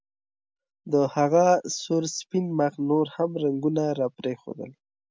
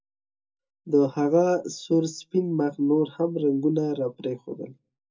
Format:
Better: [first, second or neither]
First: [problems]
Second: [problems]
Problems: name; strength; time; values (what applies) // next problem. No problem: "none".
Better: first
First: none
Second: room echo; dies away in 0.2 s